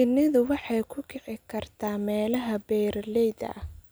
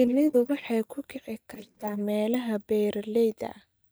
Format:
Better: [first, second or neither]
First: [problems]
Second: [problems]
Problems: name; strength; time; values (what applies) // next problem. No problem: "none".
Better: first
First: none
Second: noise reduction (neural mask model DeepFilterNet 3)